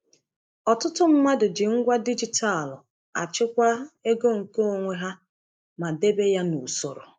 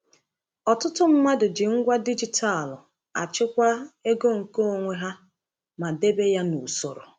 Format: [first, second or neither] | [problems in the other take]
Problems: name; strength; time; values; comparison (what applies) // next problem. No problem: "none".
second | noise reduction (neural mask model Resemble Enhance denoiser)